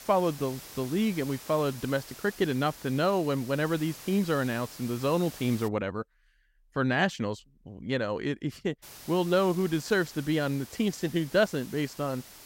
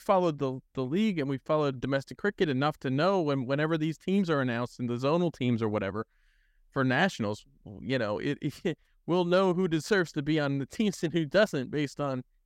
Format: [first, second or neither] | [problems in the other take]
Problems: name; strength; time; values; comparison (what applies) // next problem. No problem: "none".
second | hiss; noticeable; until 5.5 s and from 9 s on; 15 dB below the speech